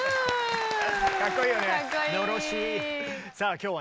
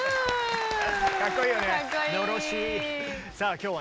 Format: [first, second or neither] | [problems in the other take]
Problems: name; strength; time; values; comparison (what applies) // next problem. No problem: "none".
first | background sound (Chirp, tweet + Bell / Drum / Drum kit); 20 dB below the speech